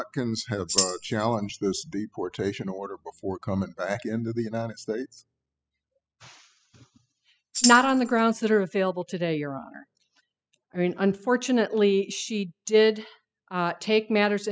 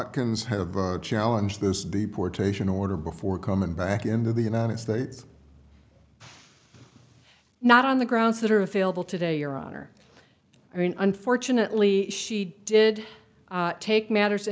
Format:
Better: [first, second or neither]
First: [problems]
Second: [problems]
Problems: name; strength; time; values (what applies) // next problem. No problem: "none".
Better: second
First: noise reduction (classical method spectral subtraction)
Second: none